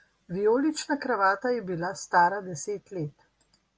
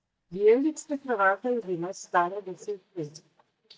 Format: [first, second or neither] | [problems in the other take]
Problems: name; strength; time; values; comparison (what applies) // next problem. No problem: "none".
first | noise reduction (neural mask model DeepFilterNet 3)